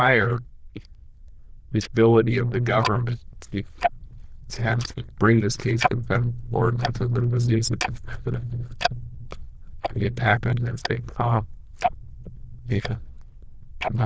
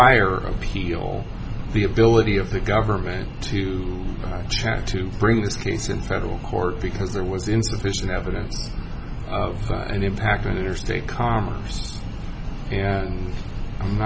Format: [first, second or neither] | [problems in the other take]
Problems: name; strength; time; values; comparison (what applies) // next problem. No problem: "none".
second | noise reduction (neural diffusion model UNIVERSE++)